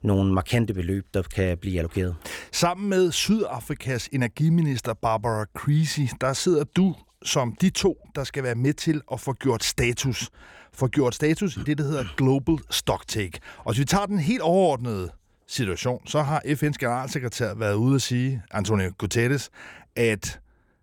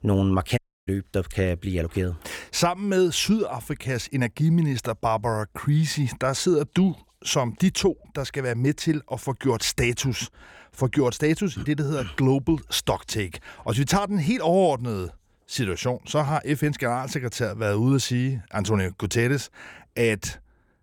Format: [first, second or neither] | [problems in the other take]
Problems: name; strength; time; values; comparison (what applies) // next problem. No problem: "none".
first | audio cutting out; at 0.5 s